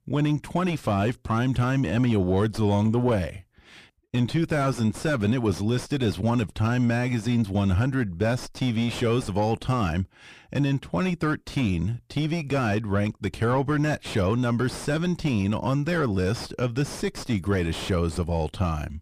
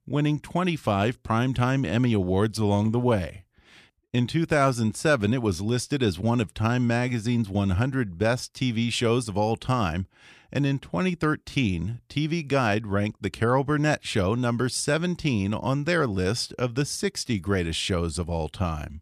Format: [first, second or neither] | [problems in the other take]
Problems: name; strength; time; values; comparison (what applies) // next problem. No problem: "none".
second | distortion; slight; 8 dB below the speech